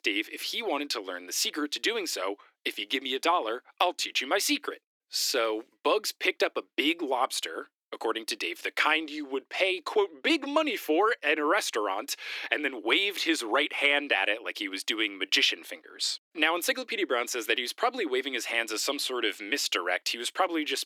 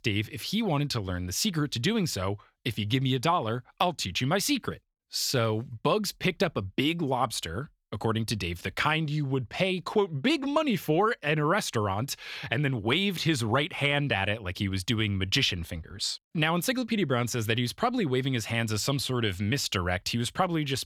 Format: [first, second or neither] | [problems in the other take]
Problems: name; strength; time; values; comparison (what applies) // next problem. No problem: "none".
second | thin; somewhat; fading below 300 Hz